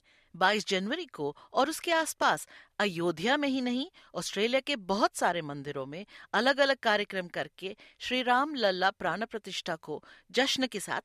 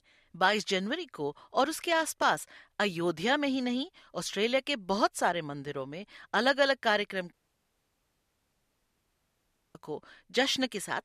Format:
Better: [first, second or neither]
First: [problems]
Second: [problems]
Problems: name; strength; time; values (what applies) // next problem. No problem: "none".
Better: first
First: none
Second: audio cutting out; at 7.5 s for 2.5 s